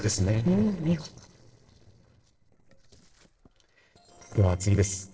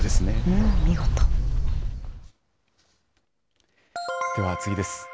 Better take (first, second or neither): second